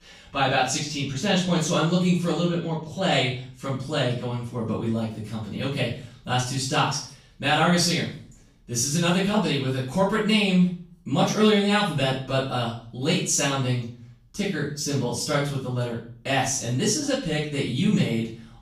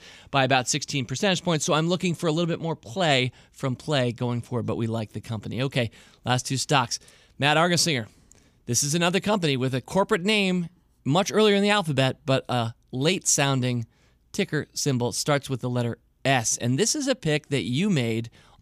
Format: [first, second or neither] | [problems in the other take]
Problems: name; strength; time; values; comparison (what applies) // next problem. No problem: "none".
second | off-mic speech; far // room echo; noticeable; dies away in 0.4 s